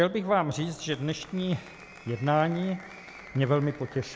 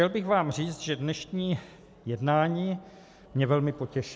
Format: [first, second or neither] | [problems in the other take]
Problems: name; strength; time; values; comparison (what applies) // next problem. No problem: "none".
second | background sound (Applause); 20 dB below the speech